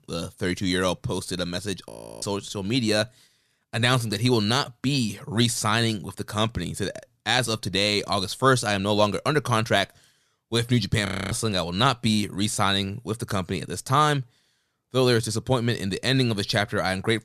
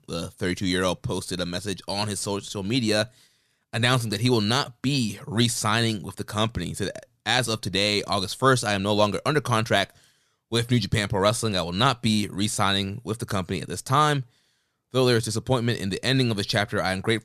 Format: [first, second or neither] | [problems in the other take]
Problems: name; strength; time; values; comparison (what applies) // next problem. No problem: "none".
second | audio freezing; at 2 s and at 11 s